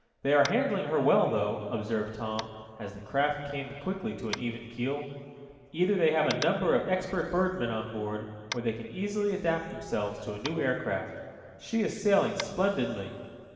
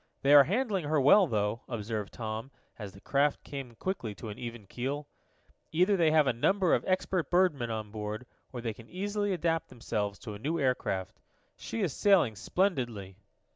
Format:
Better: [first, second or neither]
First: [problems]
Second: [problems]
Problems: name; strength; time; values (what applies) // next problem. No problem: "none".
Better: second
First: background sound (Tap); 18 dB below the speech // room echo; dies away in 2.1 s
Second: none